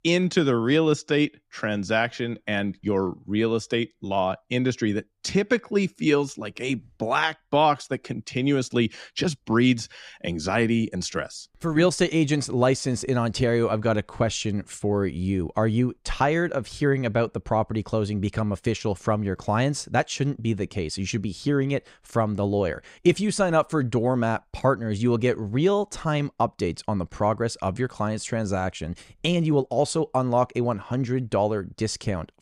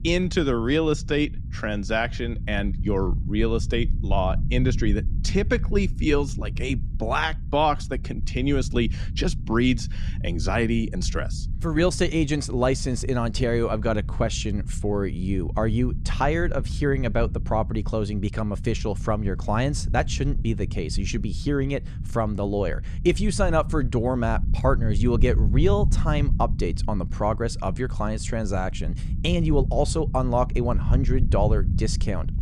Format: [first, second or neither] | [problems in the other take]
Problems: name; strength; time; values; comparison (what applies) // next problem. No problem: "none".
first | low rumble; noticeable; throughout; 15 dB below the speech